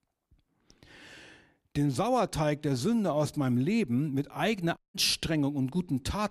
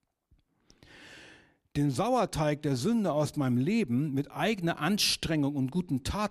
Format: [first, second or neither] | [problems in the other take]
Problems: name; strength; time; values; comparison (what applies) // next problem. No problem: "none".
second | audio cutting out; at 5 s